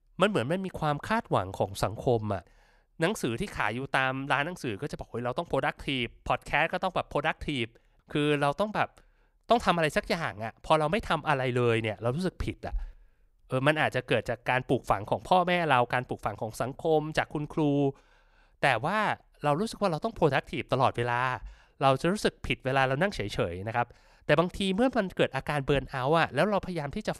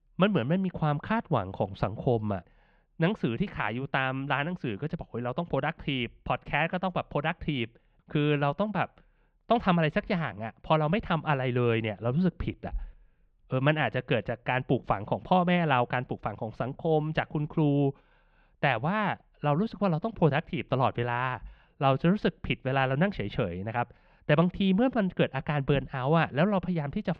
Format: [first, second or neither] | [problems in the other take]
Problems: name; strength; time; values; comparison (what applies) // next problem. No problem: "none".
first | muffled; slightly; fading above 3 kHz